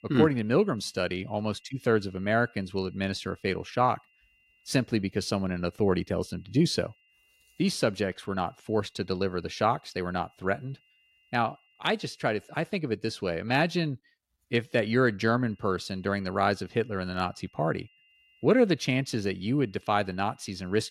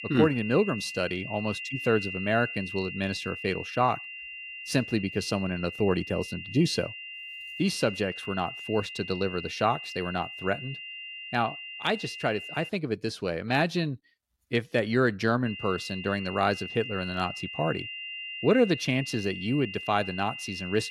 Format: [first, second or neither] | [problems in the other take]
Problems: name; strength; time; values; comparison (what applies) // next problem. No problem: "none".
first | high-pitched whine; loud; until 13 s and from 15 s on; 3 kHz, 8 dB below the speech; faint in the first